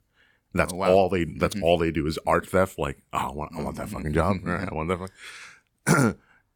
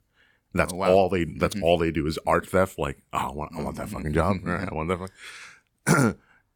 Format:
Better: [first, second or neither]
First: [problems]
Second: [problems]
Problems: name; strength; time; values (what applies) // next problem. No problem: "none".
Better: neither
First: none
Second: none